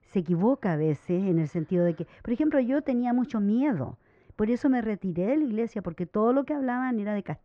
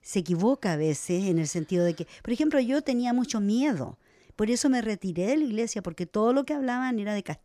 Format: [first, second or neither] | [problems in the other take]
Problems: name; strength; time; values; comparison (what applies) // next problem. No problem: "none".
second | muffled; very; fading above 1.5 kHz